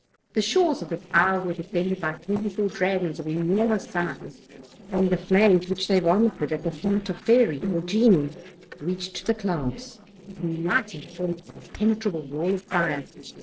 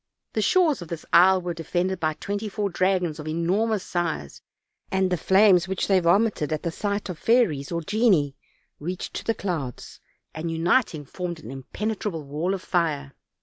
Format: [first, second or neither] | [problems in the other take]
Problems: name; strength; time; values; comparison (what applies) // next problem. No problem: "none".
second | noise reduction (neural separator model SepFormer DNS4)